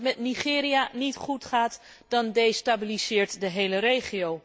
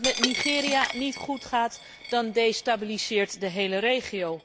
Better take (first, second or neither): first